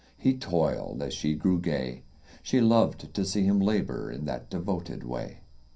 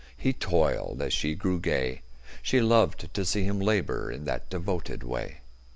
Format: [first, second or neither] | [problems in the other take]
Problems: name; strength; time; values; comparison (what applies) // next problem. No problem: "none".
second | room echo; dies away in 0.3 s